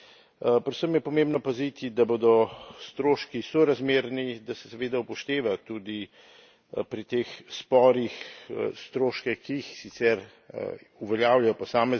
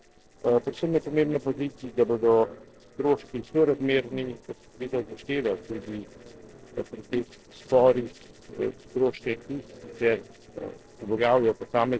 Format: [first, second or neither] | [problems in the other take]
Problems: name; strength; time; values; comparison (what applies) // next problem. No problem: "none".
first | noise reduction (neural separator model SepFormer DNS4)